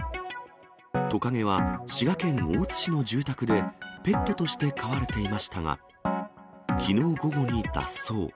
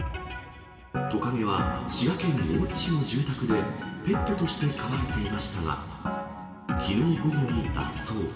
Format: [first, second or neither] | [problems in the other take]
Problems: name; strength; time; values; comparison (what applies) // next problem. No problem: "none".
first | room echo; dies away in 2.5 s